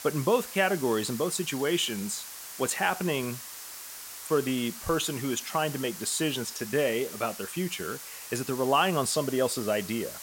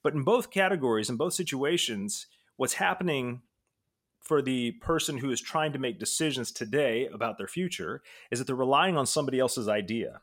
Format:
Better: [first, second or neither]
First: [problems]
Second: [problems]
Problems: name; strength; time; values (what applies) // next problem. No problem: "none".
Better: second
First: hiss; noticeable; throughout; 10 dB below the speech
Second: none